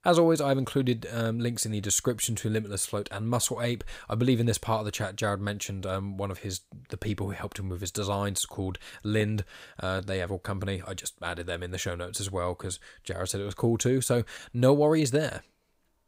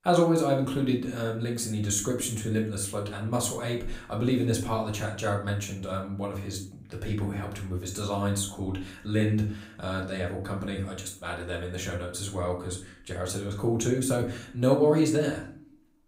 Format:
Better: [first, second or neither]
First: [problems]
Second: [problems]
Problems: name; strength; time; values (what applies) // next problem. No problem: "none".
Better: first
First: none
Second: room echo; slight; dies away in 0.4 s // off-mic speech; far